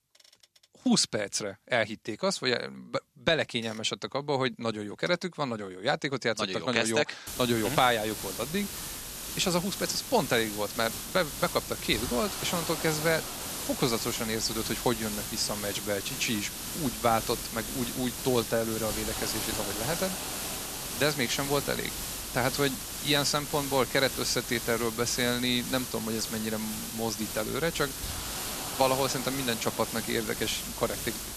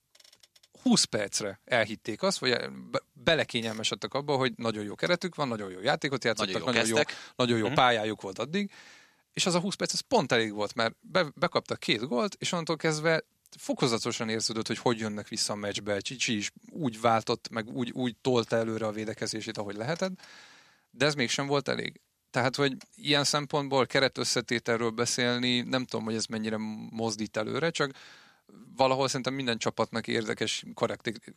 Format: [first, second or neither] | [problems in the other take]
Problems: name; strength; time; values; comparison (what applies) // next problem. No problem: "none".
second | hiss; loud; from 7.5 s on; 5 dB below the speech